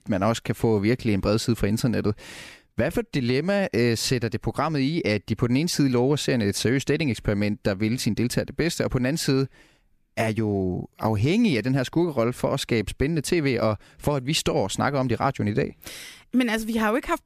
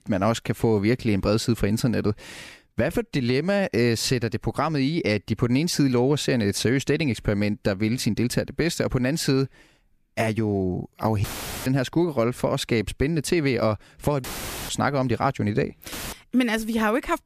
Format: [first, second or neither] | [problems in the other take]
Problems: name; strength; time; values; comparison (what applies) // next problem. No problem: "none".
first | audio cutting out; filled with static; at 11 s, at 14 s and at 16 s